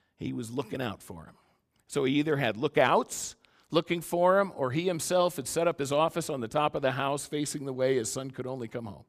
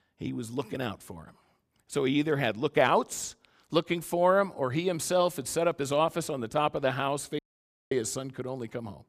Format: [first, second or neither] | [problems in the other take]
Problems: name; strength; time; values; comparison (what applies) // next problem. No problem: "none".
first | audio cutting out; at 7.5 s for 0.5 s